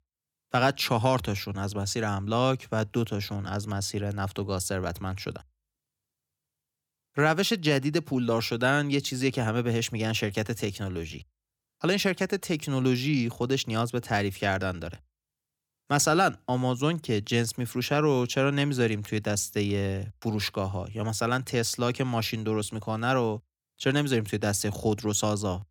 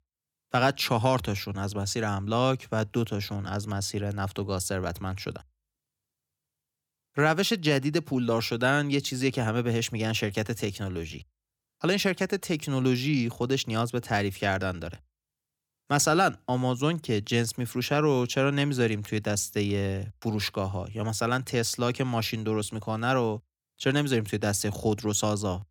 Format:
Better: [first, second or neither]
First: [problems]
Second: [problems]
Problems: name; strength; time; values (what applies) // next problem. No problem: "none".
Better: neither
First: none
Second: none